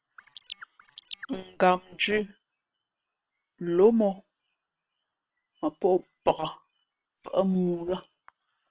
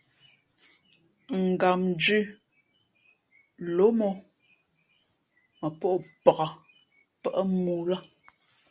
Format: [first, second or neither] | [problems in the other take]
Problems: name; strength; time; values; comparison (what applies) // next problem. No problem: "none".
second | noise reduction (neural separator model SepFormer WHAM!)